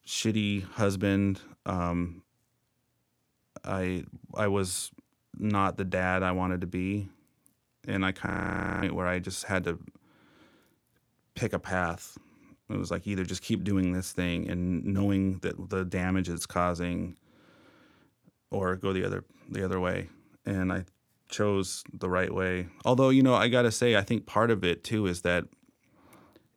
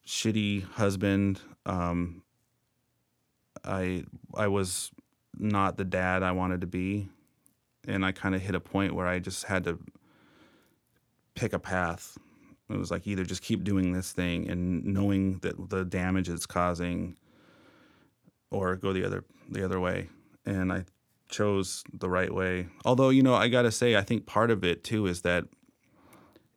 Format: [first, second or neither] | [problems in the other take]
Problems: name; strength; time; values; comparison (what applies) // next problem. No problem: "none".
second | audio freezing; at 8.5 s for 0.5 s